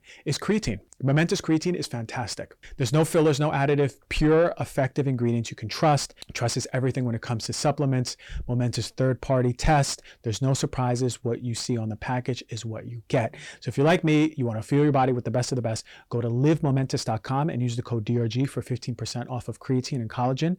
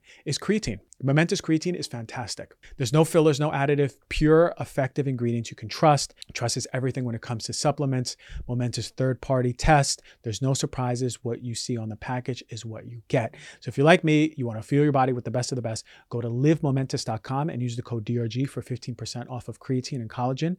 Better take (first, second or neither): second